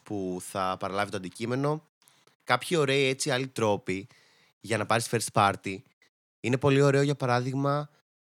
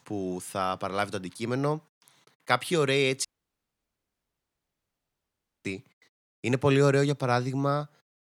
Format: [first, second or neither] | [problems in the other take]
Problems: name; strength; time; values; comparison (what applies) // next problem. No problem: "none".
first | audio cutting out; at 3.5 s for 2.5 s